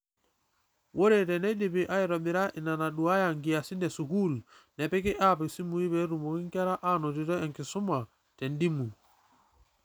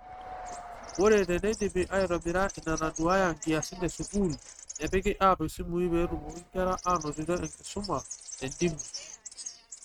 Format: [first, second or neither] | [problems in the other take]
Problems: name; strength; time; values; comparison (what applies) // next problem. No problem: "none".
first | noise reduction (neural mask model RNNoise)